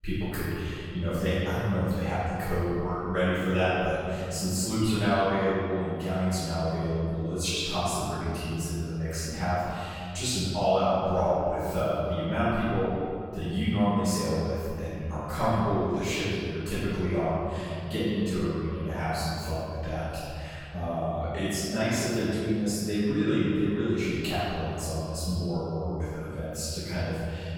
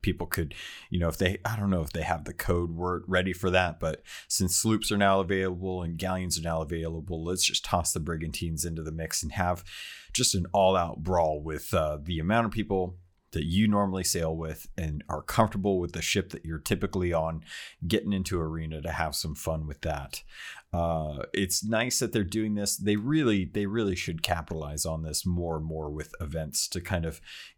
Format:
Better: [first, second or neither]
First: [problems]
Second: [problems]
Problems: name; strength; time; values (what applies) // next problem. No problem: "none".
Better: second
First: off-mic speech; far // room echo; strong; dies away in 2.2 s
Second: none